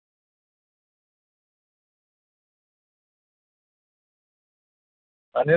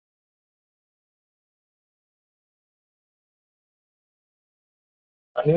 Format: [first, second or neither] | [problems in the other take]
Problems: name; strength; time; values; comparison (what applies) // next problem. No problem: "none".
first | noise reduction (neural mask model DeepFilterNet 3)